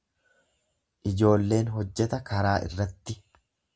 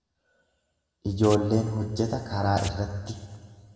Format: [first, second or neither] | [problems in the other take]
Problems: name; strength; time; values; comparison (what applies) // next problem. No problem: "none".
first | background sound (Domestic sounds, home sounds); 18 dB below the speech // room echo; dies away in 2.2 s